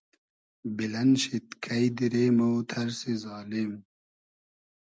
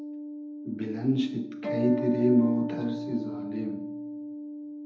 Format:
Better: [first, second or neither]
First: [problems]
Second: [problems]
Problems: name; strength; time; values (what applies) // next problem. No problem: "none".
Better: first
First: none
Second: background sound (Acoustic guitar); 6 dB below the speech // room echo; dies away in 0.7 s